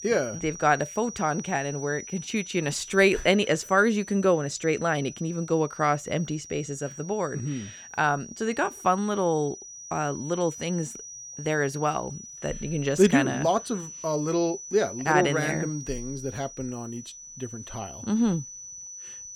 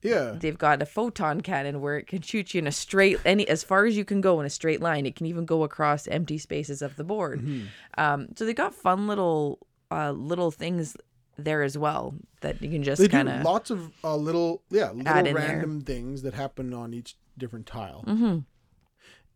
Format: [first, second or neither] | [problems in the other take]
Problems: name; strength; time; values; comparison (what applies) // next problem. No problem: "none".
second | high-pitched whine; noticeable; throughout; 6 kHz, 15 dB below the speech